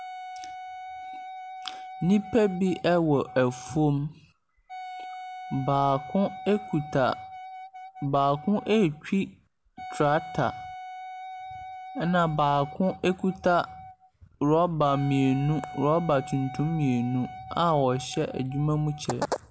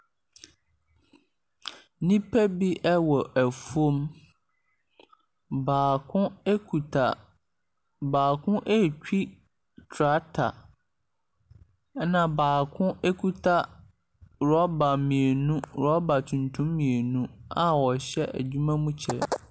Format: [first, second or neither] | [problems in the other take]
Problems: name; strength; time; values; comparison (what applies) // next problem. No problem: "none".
second | background sound (Wind instrument, woodwind instrument); 14 dB below the speech